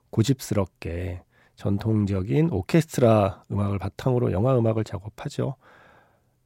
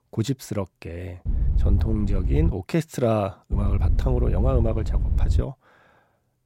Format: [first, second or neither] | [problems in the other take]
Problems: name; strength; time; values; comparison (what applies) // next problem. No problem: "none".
first | low rumble; noticeable; from 1.5 to 2.5 s and from 3.5 to 5.5 s; 10 dB below the speech